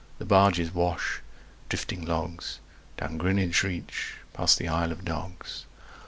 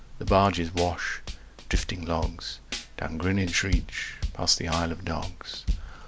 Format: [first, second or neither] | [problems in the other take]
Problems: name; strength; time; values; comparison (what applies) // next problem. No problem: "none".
first | background sound (Drum / Drum kit); 5 dB below the speech